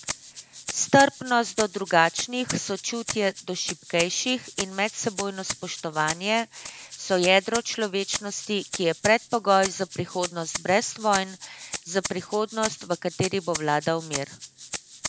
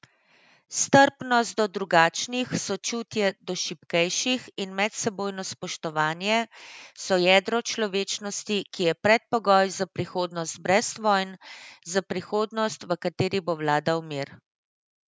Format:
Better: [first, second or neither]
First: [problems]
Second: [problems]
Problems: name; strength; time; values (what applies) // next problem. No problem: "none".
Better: second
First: background sound (Rattle (instrument)); 11 dB below the speech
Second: none